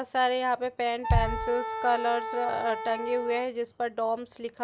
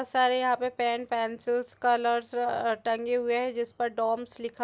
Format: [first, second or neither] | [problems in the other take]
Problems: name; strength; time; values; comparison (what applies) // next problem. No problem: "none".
second | background sound (Bass drum + Wind instrument, woodwind instrument); 3 dB below the speech